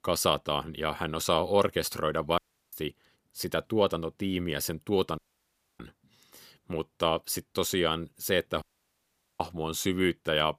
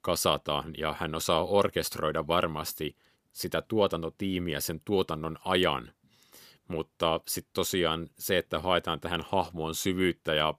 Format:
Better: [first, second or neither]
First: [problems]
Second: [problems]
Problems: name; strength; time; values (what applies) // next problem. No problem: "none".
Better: second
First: audio cutting out; at 2.5 s, at 5 s for 0.5 s and at 8.5 s for 1 s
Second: none